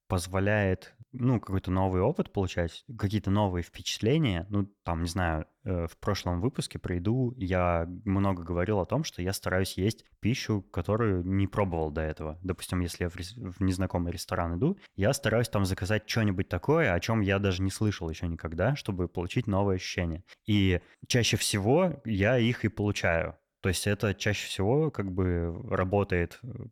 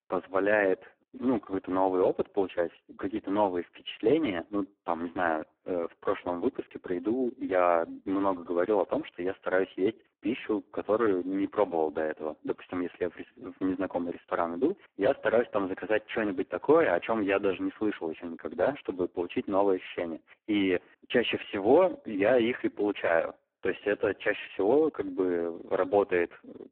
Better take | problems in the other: first | phone-call audio; poor line

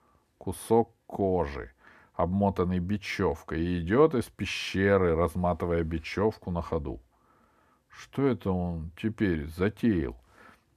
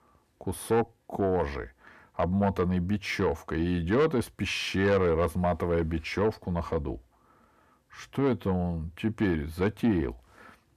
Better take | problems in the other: first | distortion; slight; 10 dB below the speech

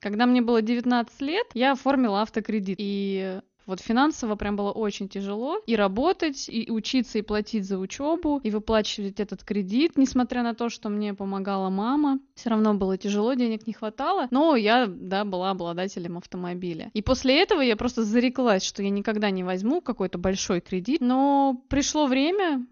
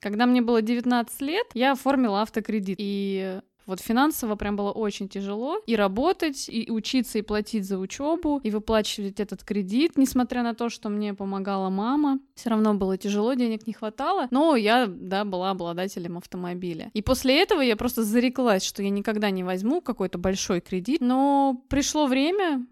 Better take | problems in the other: second | garbled, watery; slightly; nothing above 6.5 kHz

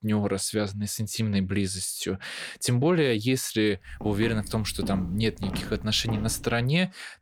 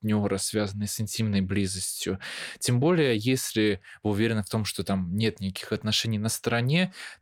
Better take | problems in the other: second | footsteps; noticeable; from 4 to 6.5 s; peak 8 dB below the speech

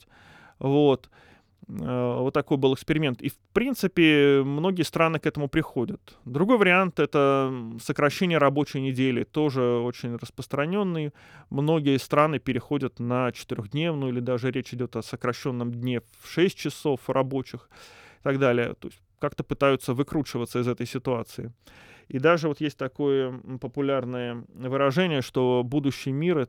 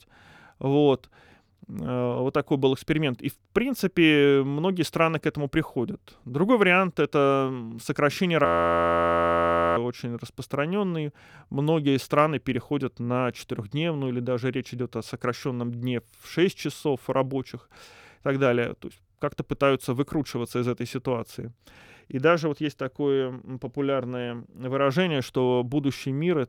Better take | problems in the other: first | audio freezing; at 8.5 s for 1.5 s

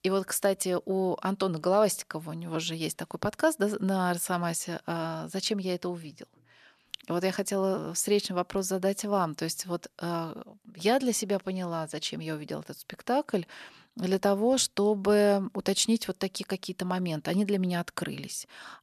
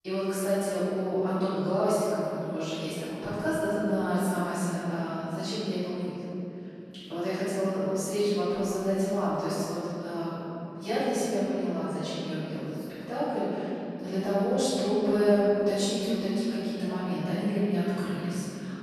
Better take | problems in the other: first | off-mic speech; far // room echo; strong; dies away in 3 s

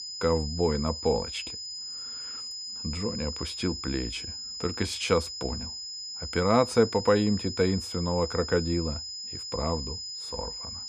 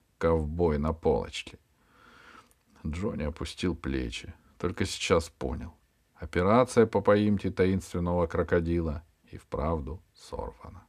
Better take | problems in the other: second | high-pitched whine; loud; throughout; 5 kHz, 6 dB below the speech

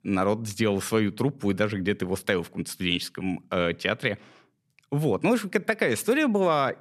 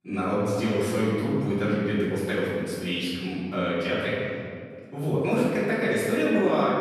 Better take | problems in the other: first | off-mic speech; far // room echo; strong; dies away in 2.1 s

